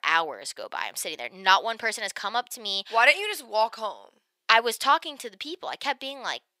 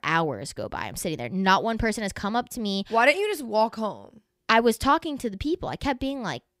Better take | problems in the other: second | thin; very; fading below 700 Hz

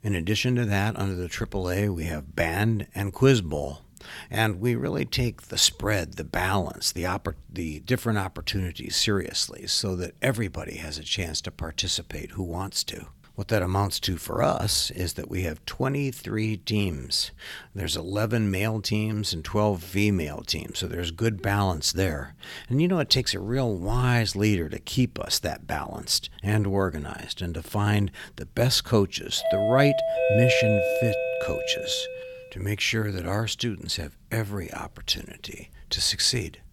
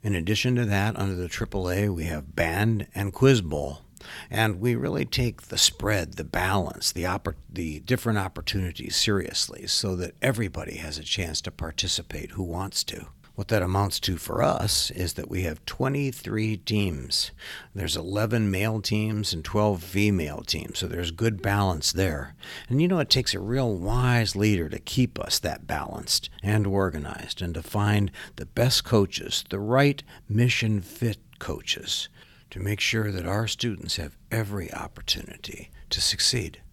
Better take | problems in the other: second | doorbell; loud; from 29 to 32 s; peak 4 dB above the speech

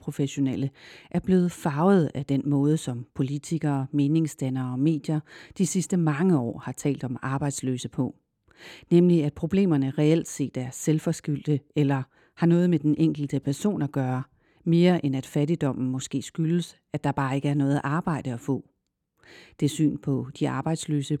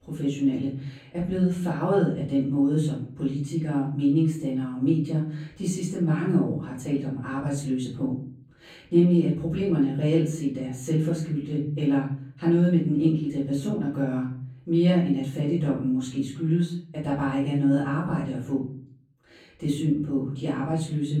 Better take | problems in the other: first | off-mic speech; far // room echo; noticeable; dies away in 0.6 s

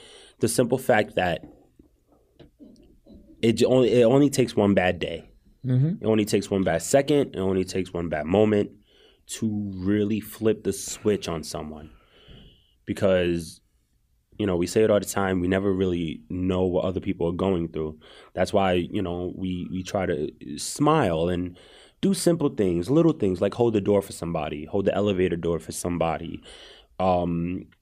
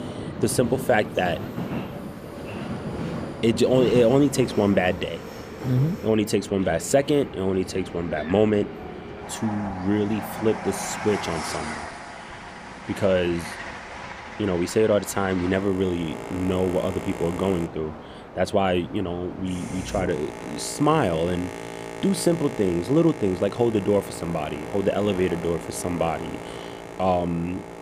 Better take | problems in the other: first | train or aircraft noise; noticeable; throughout; 10 dB below the speech

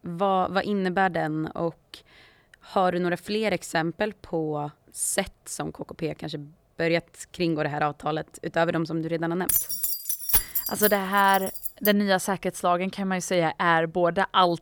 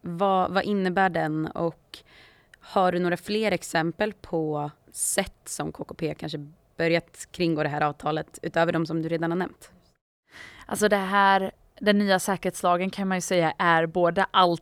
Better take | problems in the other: second | jangling keys; loud; from 9.5 to 12 s; peak 5 dB above the speech

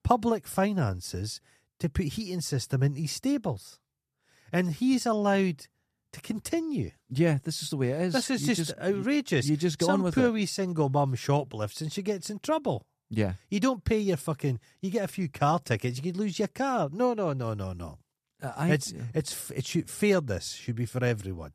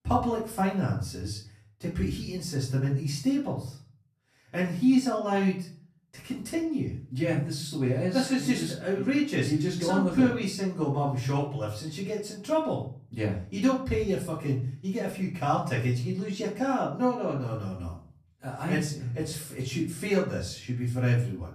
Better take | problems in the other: first | off-mic speech; far // room echo; slight; dies away in 0.4 s

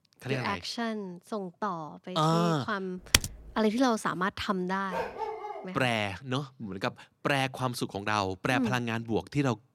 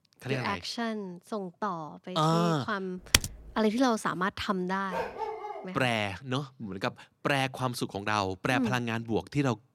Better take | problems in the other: neither | keyboard typing; loud; at 3 s; peak 5 dB above the speech; the same in both // dog barking; noticeable; at 5 s; peak 4 dB below the speech; the same in both

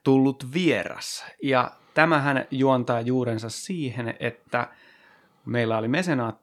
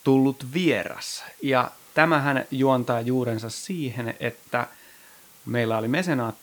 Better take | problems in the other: first | hiss; faint; throughout; 25 dB below the speech

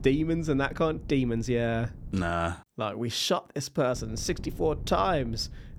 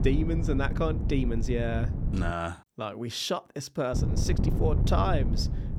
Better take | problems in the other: first | wind noise on the microphone; heavy; until 2.5 s and from 4 s on; 9 dB below the speech; occasional gusts in the first

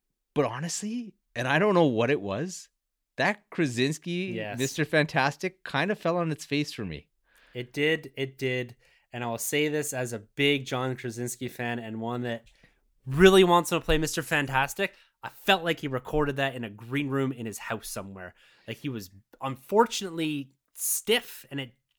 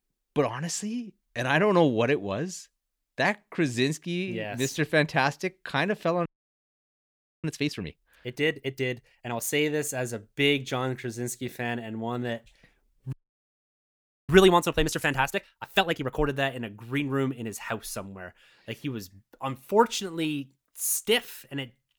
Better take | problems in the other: first | audio freezing; at 6.5 s for 1 s and at 13 s for 1 s

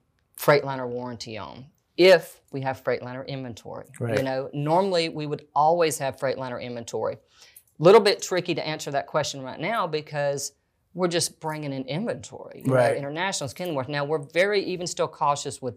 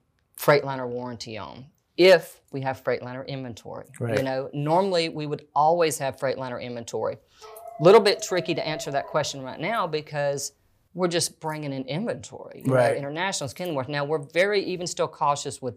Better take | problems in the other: first | dog barking; faint; from 7.5 to 9.5 s; peak 10 dB below the speech

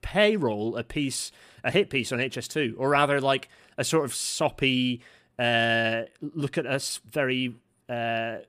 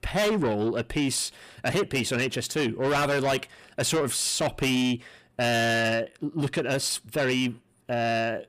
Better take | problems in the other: first | distortion; heavy; 7 dB below the speech

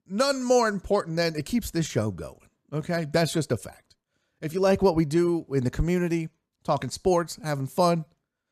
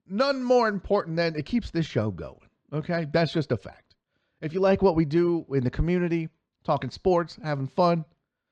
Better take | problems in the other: first | muffled; very slightly; fading above 4.5 kHz

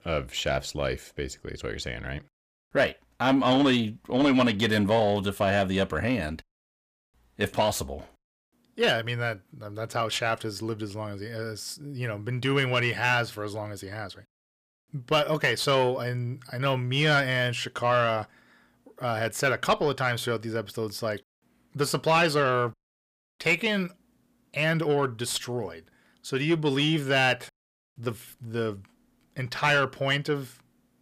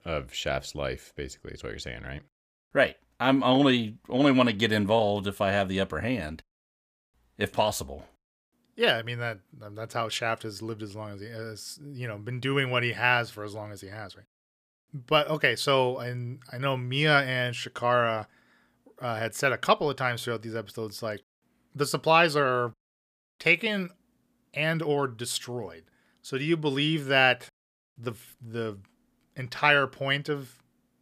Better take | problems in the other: second | distortion; slight; 10 dB below the speech

